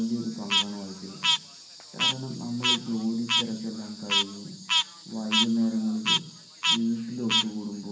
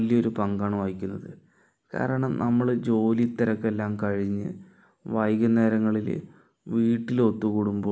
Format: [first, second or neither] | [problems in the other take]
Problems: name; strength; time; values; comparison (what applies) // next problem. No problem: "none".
second | background sound (Frog); 2 dB above the speech // room echo; dies away in 0.6 s